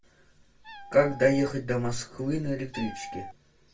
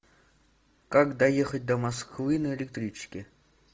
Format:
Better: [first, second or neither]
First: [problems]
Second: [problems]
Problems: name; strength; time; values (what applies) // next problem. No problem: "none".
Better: second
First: background sound (Meow); 16 dB below the speech // room echo; dies away in 0.2 s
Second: none